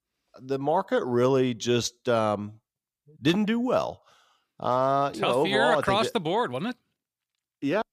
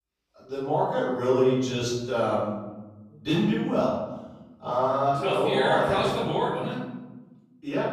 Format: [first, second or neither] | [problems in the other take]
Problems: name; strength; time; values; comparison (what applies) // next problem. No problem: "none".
first | room echo; noticeable; dies away in 1.1 s // off-mic speech; far